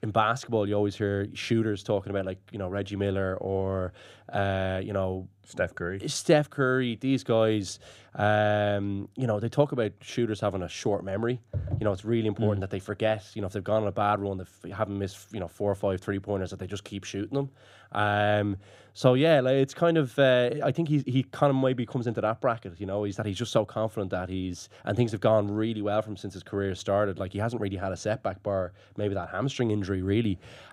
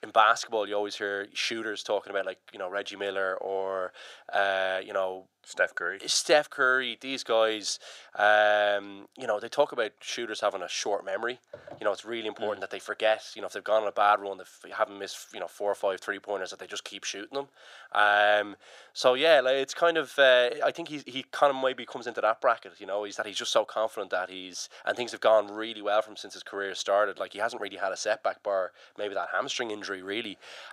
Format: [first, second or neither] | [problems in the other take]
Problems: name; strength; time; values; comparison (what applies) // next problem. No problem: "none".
first | thin; very; fading below 700 Hz